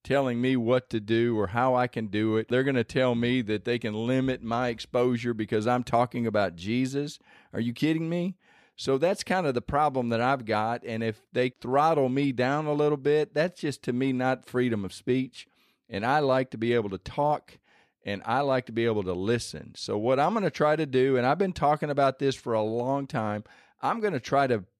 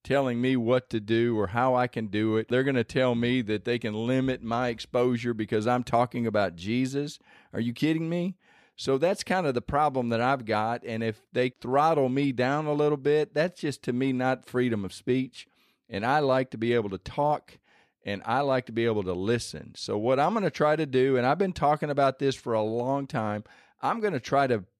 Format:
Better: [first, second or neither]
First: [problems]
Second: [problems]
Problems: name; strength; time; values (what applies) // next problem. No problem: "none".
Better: neither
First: none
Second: none